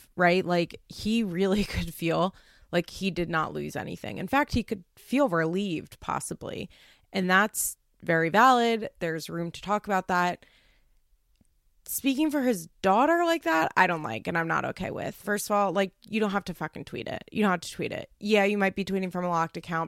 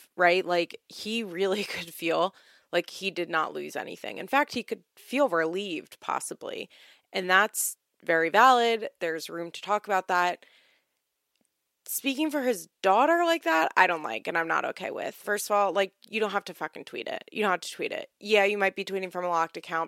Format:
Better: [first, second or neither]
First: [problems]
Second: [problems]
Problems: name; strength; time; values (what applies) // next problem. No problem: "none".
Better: first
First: none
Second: thin; somewhat; fading below 400 Hz